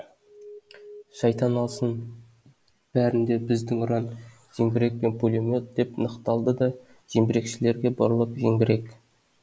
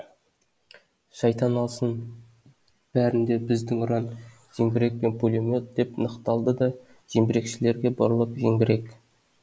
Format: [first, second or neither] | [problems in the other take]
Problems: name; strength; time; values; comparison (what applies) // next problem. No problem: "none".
second | background sound (Alarm); 20 dB below the speech